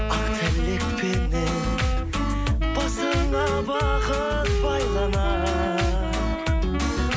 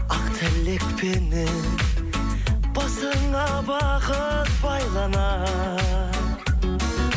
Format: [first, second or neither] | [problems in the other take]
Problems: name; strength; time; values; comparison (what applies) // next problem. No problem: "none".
second | background sound (Wind instrument, woodwind instrument); 6 dB below the speech